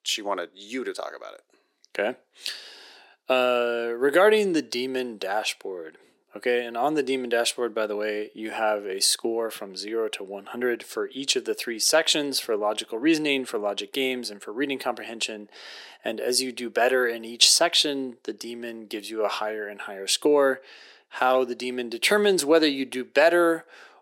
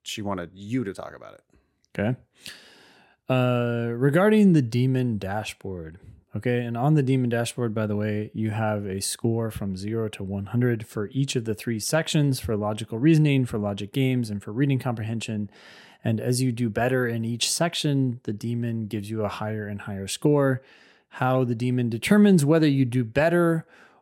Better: second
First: thin; very; fading below 350 Hz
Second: none

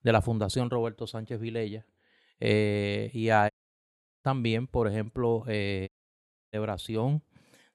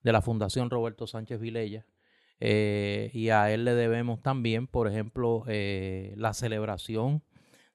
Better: second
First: audio cutting out; at 3.5 s for 0.5 s and at 6 s for 0.5 s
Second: none

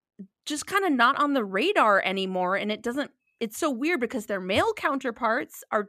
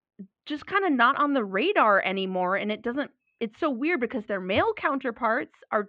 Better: first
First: none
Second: muffled; very; fading above 3 kHz

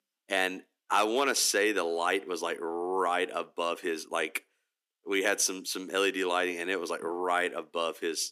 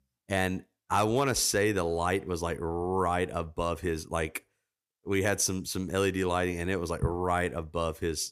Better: second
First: thin; somewhat; fading below 250 Hz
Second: none

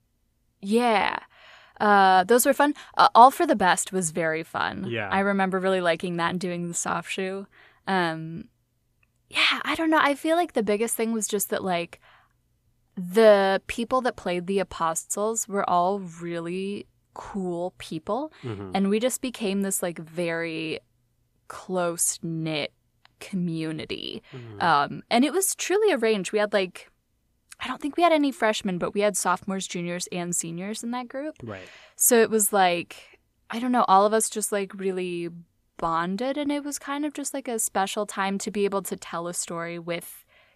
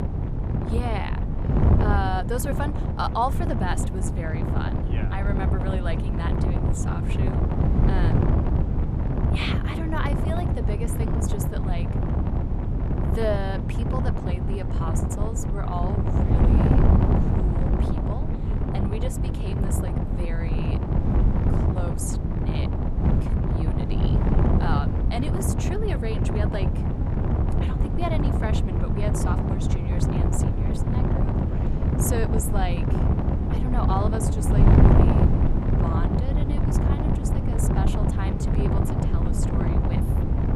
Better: first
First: none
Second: wind noise on the microphone; heavy; 1 dB above the speech

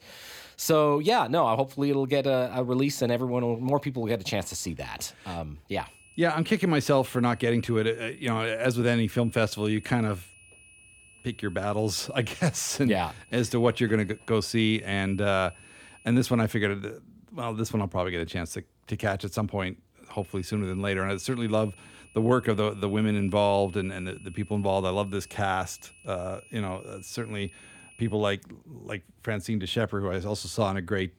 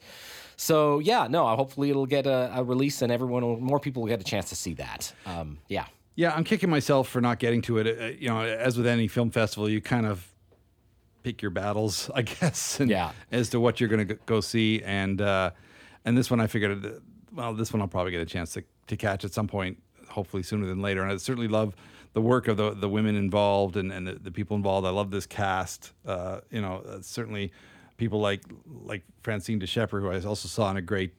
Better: second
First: high-pitched whine; faint; from 6 to 16 s and from 20 to 28 s; 2.5 kHz, 25 dB below the speech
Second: none

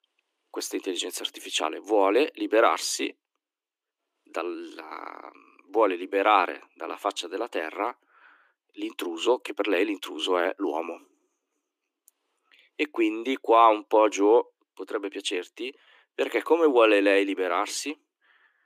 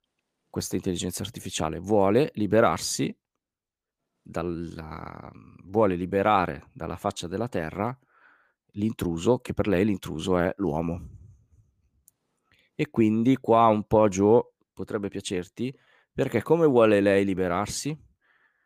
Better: second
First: thin; somewhat; fading below 300 Hz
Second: none

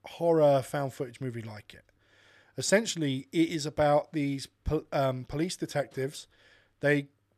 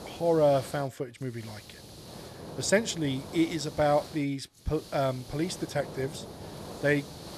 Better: first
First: none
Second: hiss; noticeable; throughout; 15 dB below the speech

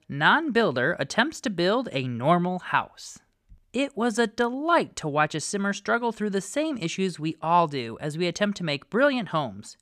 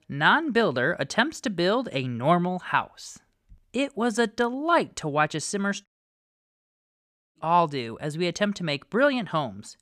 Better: first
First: none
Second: audio cutting out; at 6 s for 1.5 s

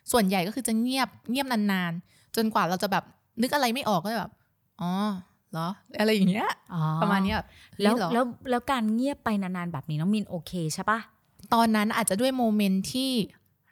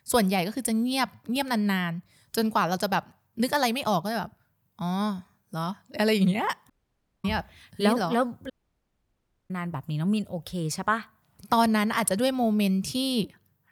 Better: first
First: none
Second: audio cutting out; at 6.5 s for 0.5 s and at 8.5 s for 1 s

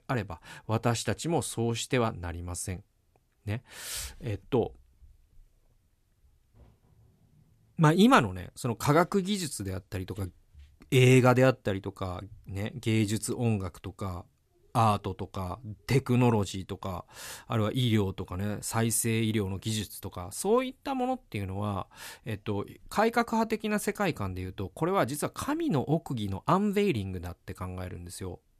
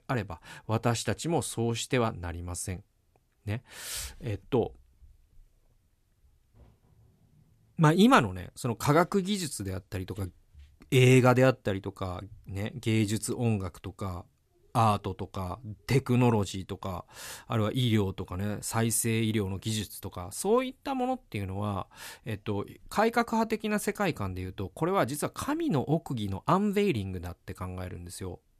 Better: neither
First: none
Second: none

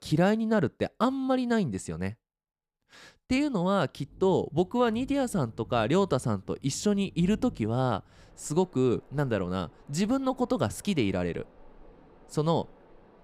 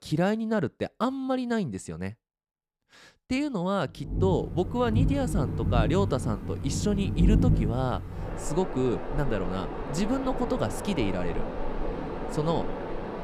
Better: first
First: rain or running water; faint; from 4.5 s on; 25 dB below the speech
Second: rain or running water; loud; from 4.5 s on; 2 dB below the speech

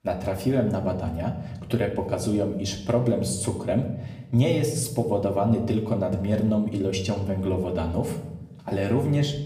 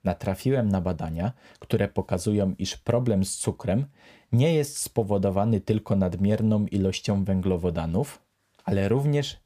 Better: second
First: room echo; slight; dies away in 0.7 s // off-mic speech; somewhat distant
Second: none

